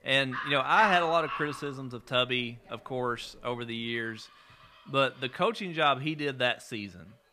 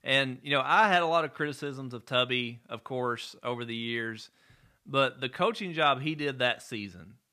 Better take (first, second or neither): second